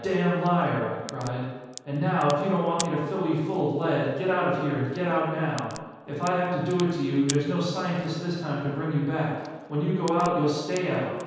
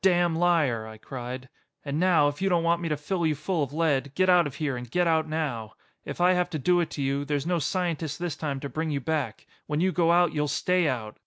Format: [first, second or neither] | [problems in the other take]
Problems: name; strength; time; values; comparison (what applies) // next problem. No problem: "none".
second | background sound (Crack); 19 dB below the speech // room echo; dies away in 1.2 s